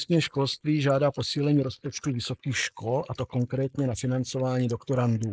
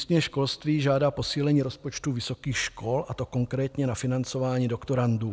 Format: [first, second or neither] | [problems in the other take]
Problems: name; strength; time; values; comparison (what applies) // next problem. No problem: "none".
second | noise reduction (neural mask model Resemble Enhance denoiser)